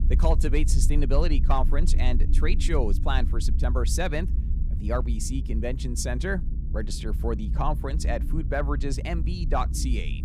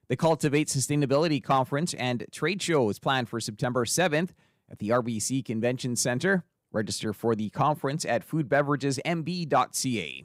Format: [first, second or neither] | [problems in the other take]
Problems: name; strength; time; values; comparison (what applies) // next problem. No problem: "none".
second | low rumble; noticeable; throughout; 15 dB below the speech